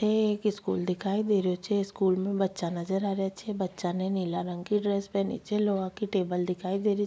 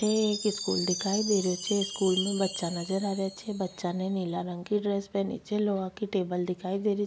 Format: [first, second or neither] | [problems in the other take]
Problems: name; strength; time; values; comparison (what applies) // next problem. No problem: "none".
first | background sound (Chime); 10 dB below the speech